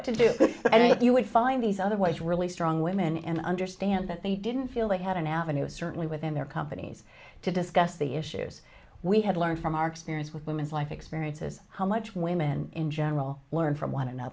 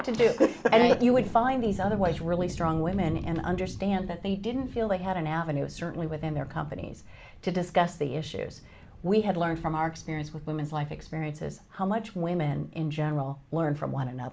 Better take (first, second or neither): first